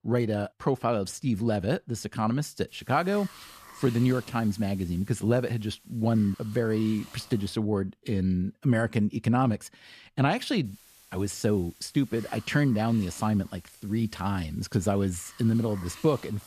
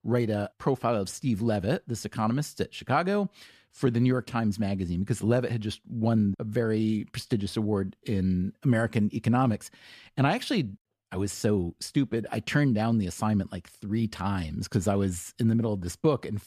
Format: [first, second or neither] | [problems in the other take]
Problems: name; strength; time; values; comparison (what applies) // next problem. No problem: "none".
second | hiss; faint; from 2.5 to 7.5 s and from 11 s on; 20 dB below the speech